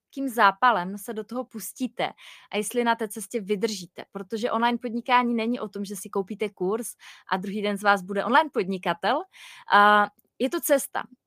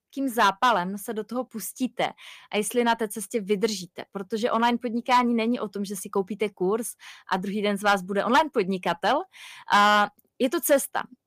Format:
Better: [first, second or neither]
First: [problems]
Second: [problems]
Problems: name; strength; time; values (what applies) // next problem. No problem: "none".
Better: first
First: none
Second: distortion; slight; 1.6% of the sound clipped